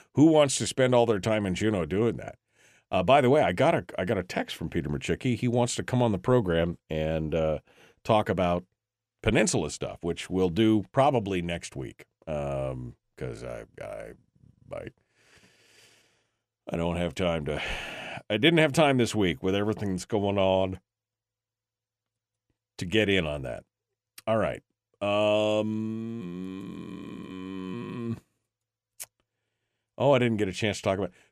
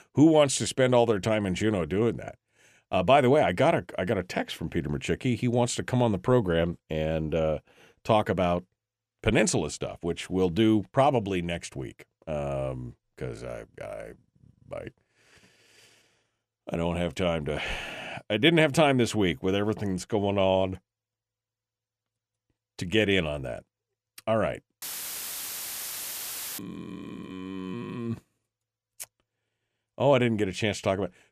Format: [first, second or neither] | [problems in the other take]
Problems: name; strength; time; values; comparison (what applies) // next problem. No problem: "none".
first | audio cutting out; filled with static; at 25 s for 2 s